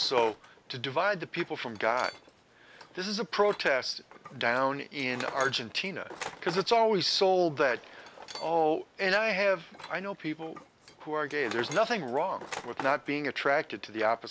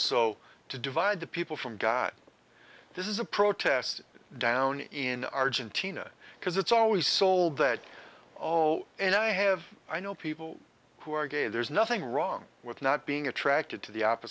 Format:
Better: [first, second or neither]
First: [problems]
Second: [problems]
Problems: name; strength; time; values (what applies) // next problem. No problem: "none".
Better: second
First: background sound (Tools); 16 dB below the speech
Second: none